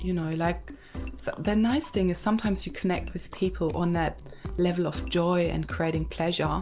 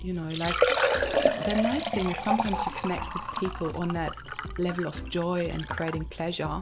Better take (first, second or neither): first